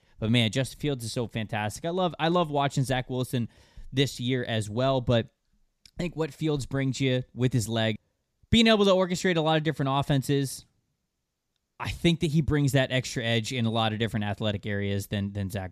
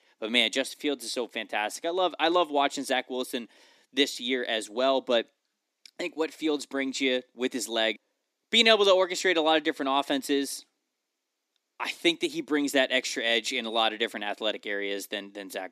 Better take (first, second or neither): first